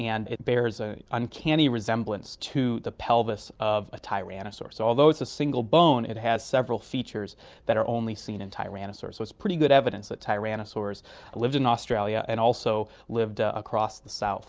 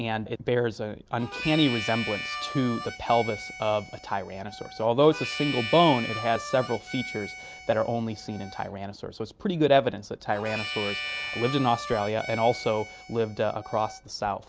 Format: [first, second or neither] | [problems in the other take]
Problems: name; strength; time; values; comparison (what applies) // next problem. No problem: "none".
first | background sound (Harmonica); 10 dB below the speech